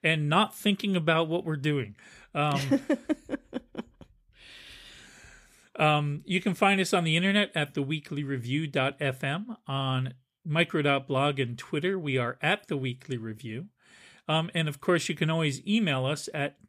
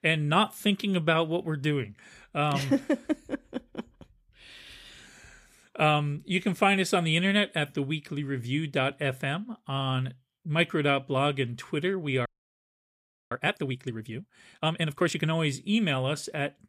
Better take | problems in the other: first | audio freezing; at 12 s for 1 s

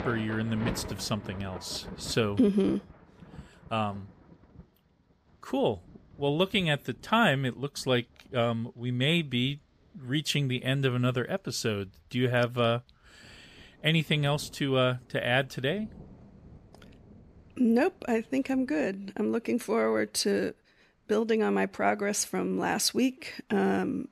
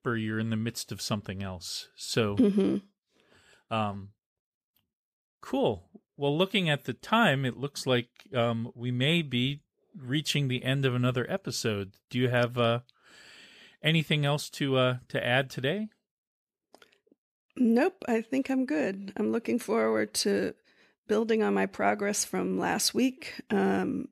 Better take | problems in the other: second | rain or running water; noticeable; throughout; 20 dB below the speech

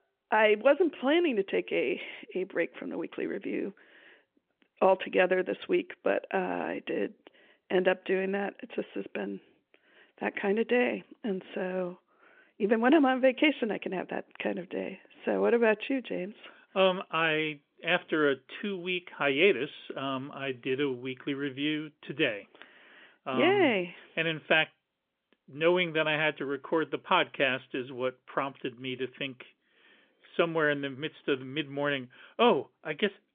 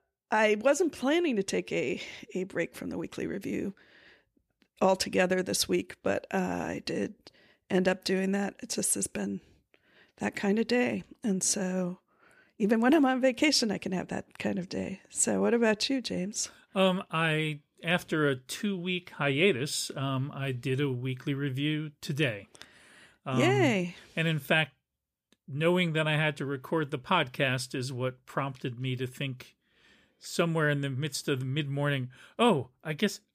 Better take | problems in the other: second | phone-call audio; nothing above 3.5 kHz

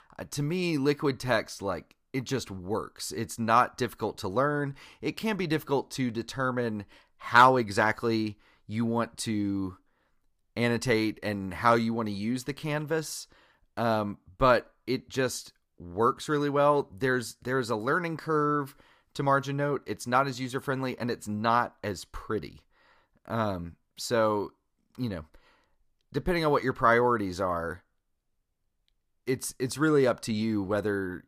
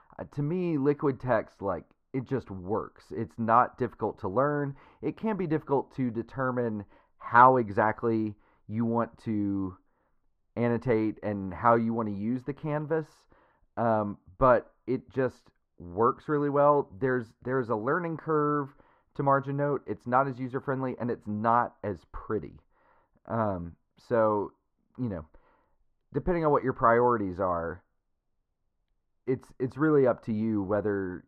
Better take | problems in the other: first | muffled; very; fading above 3 kHz

